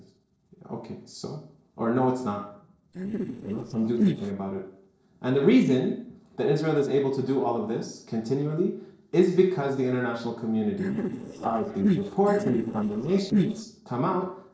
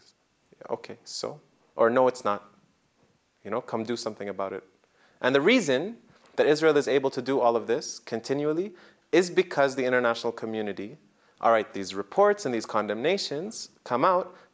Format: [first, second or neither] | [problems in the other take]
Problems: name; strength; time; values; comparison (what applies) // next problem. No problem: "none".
second | noise reduction (neural separator model SepFormer DNS4)